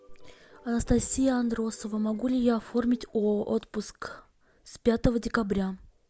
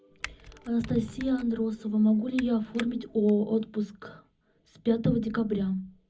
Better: first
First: none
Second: background sound (Typing); 18 dB below the speech // room echo; dies away in 0.4 s

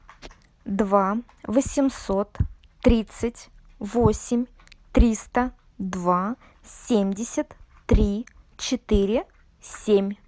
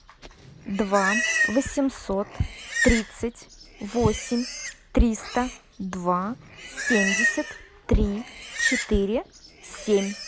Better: first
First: none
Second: background sound (Livestock, farm animals, working animals); 5 dB below the speech

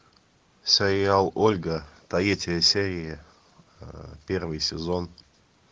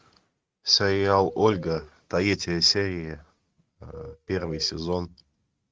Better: first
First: none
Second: noise reduction (neural mask model RNNoise)

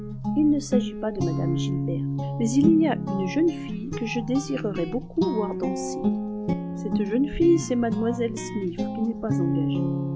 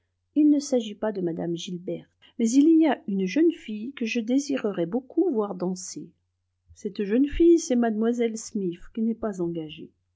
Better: second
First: background sound (Guitar); 2 dB below the speech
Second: none

